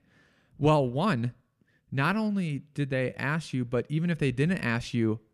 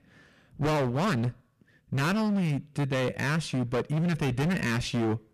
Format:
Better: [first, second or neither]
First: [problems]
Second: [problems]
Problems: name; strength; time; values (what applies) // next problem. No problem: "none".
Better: first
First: none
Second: distortion; heavy; 27% of the sound clipped